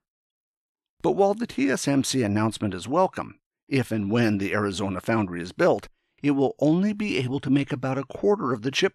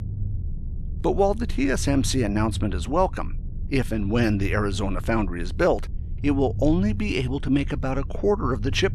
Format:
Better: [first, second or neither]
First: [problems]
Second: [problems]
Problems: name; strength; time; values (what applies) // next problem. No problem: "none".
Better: first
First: none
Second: low rumble; faint; throughout; 20 dB below the speech